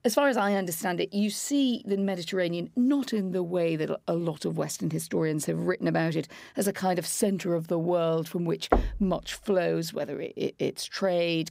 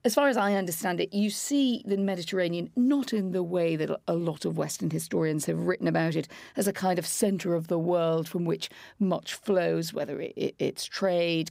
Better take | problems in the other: second | door banging; loud; at 8.5 s; peak 1 dB above the speech

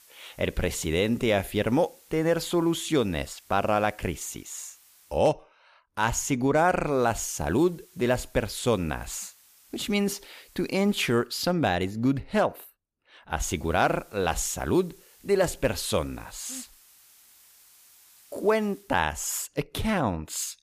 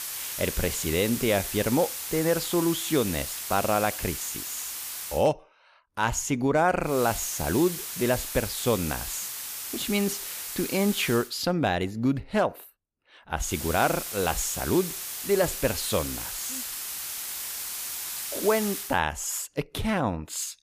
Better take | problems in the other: first | hiss; loud; until 5 s, from 7 to 11 s and from 13 to 19 s; 5 dB below the speech; faint in the first

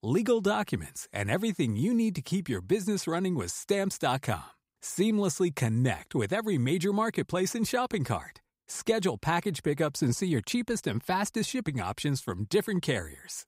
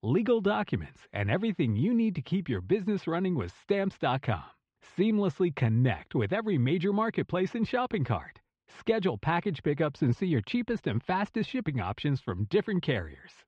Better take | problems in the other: first | muffled; very; fading above 3 kHz

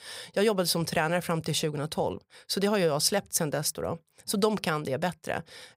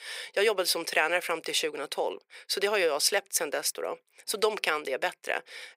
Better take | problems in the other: first | thin; very; fading below 350 Hz

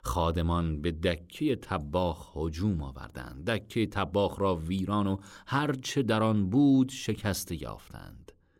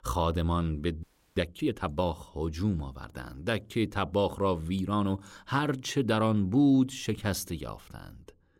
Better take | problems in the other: first | audio freezing; at 1 s

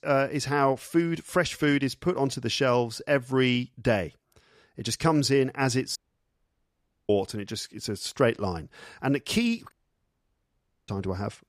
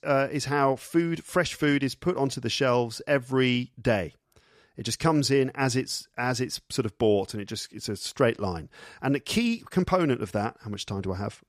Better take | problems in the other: second | audio cutting out; at 6 s for 1 s and at 9.5 s for 1 s

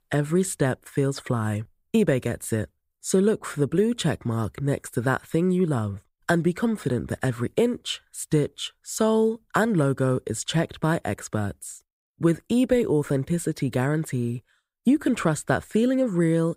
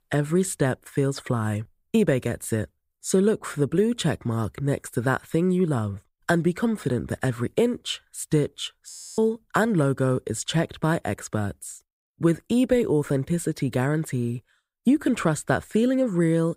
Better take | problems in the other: first | audio freezing; at 9 s

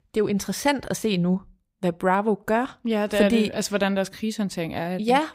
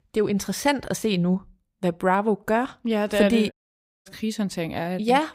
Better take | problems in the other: first | audio cutting out; at 3.5 s for 0.5 s

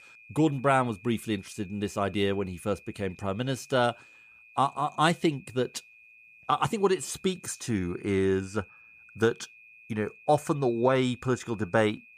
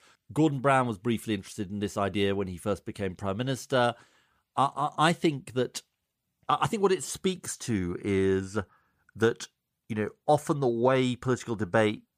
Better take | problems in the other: second | high-pitched whine; faint; throughout; 2.5 kHz, 25 dB below the speech

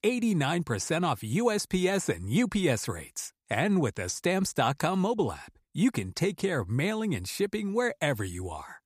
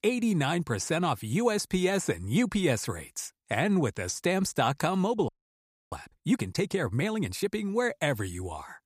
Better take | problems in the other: first | audio freezing; at 5.5 s for 0.5 s

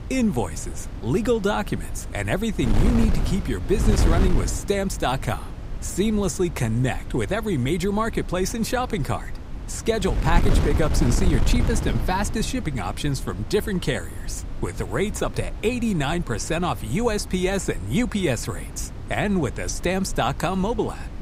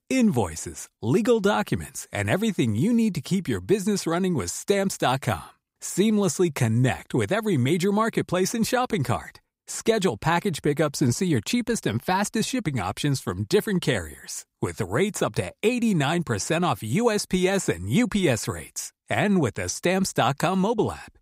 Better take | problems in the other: second | wind noise on the microphone; occasional gusts; 10 dB below the speech

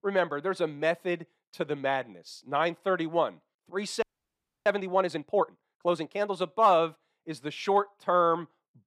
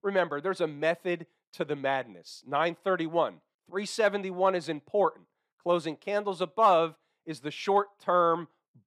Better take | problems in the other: second | audio freezing; at 4 s for 0.5 s

